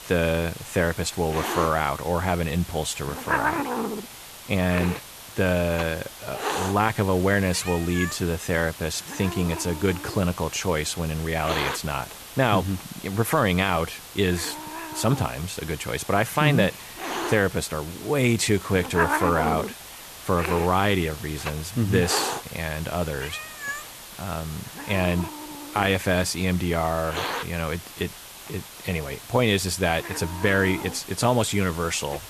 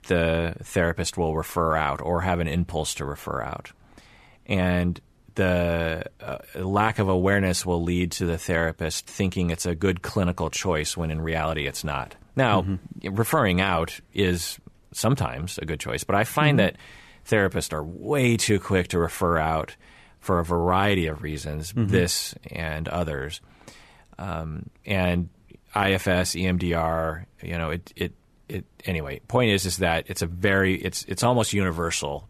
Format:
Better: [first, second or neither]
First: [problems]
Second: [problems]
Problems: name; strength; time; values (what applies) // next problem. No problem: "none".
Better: second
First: hiss; loud; throughout; 9 dB below the speech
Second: none